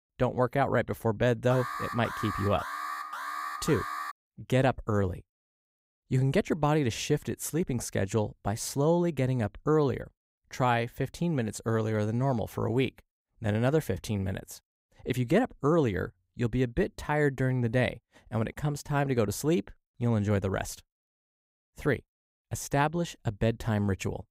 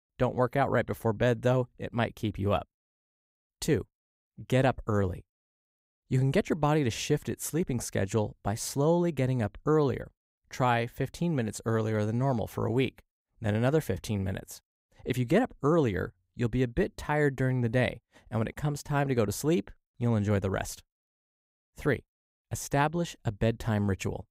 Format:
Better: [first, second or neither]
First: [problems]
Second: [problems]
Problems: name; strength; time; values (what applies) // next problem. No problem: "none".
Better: second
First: alarm; noticeable; from 1.5 to 4 s; peak 6 dB below the speech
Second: none